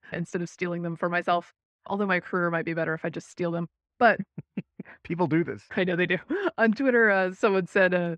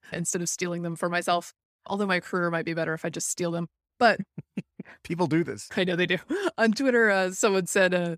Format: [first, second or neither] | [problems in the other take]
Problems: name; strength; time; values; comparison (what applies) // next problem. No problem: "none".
second | muffled; very; fading above 2 kHz